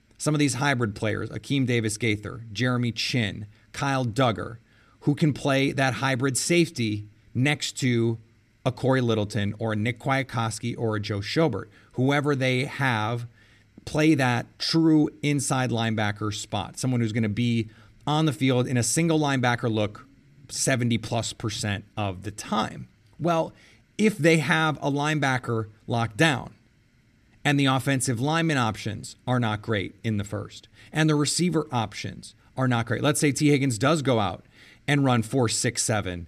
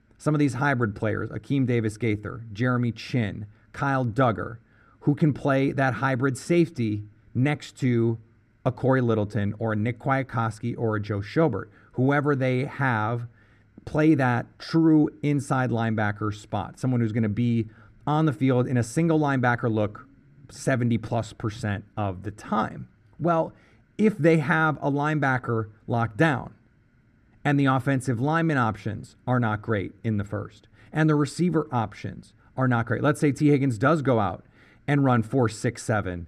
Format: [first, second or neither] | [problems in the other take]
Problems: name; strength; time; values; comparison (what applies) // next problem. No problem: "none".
first | muffled; slightly; fading above 2 kHz